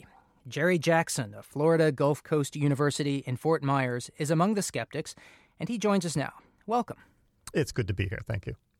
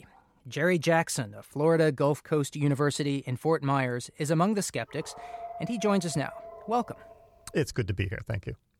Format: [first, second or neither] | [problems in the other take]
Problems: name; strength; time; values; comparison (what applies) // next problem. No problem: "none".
first | dog barking; faint; from 5 to 7 s; peak 10 dB below the speech